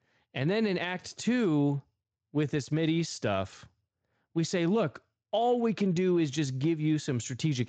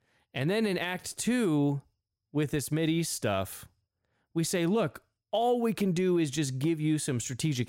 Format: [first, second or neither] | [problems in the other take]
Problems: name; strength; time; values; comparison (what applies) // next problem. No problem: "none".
second | garbled, watery; slightly; nothing above 7.5 kHz